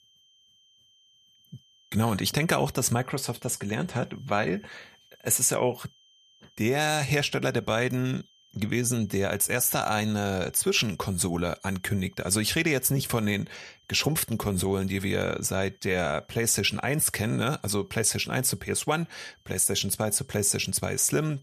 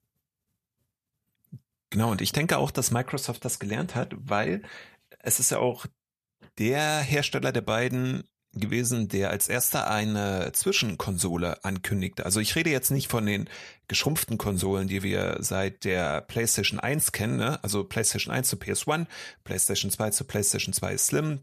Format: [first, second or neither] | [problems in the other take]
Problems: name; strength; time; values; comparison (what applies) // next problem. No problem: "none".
second | high-pitched whine; faint; throughout; 3 kHz, 35 dB below the speech